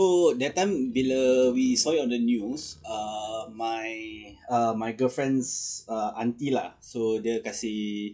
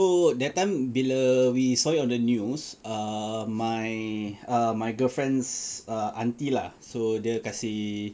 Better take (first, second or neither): second